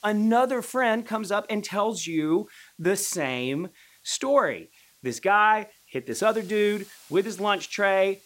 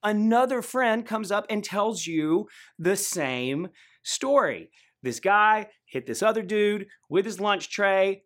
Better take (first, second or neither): second